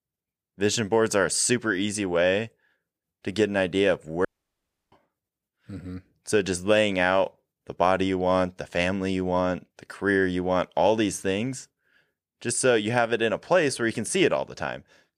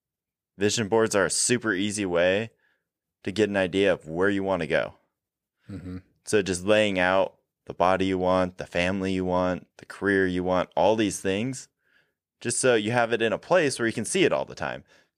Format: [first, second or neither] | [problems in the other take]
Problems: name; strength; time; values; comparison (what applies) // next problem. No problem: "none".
second | audio cutting out; at 4.5 s for 0.5 s